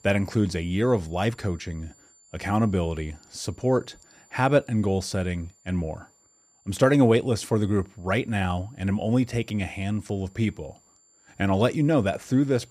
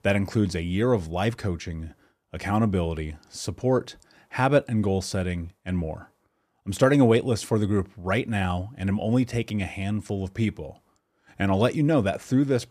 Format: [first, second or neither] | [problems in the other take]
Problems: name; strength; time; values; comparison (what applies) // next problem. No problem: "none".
second | high-pitched whine; faint; throughout; 7 kHz, 30 dB below the speech